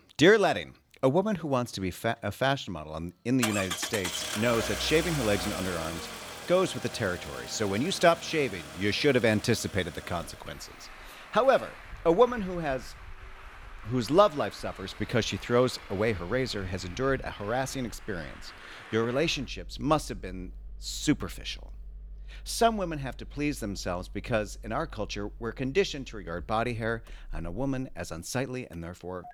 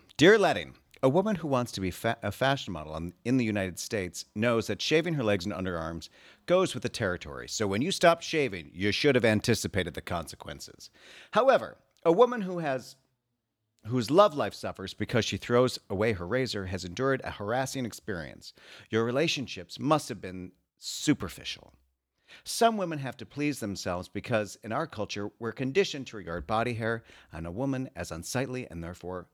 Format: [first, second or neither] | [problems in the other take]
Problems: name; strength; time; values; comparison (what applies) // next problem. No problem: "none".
second | traffic noise; noticeable; throughout; 10 dB below the speech